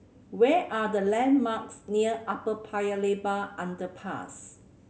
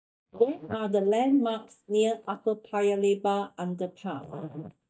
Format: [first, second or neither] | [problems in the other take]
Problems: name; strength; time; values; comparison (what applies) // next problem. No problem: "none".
first | noise reduction (neural mask model DeepFilterNet 3)